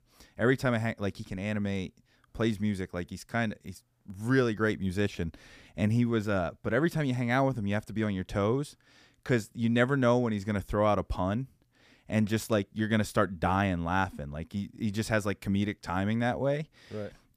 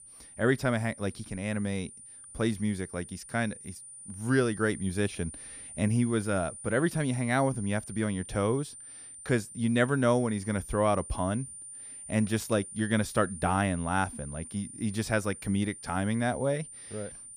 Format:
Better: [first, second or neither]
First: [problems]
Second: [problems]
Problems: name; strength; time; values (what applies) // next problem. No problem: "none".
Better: first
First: none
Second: high-pitched whine; noticeable; throughout; 9.5 kHz, 15 dB below the speech